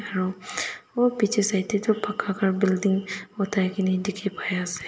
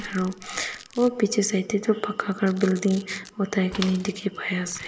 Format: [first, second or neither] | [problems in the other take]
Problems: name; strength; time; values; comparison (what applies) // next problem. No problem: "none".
first | background sound (Domestic sounds, home sounds + Mechanisms / Bicycle); 18 dB below the speech